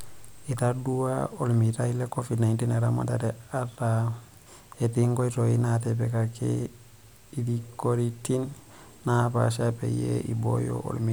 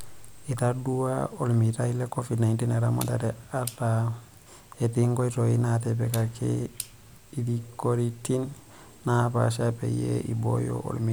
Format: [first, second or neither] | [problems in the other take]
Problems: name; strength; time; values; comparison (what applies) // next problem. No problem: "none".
first | background sound (Clock); 18 dB below the speech